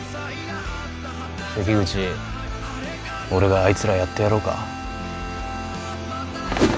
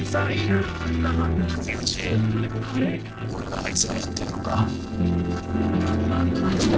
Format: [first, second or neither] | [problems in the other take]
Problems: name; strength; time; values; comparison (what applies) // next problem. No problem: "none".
first | noise reduction (neural separator model SepFormer DNS4)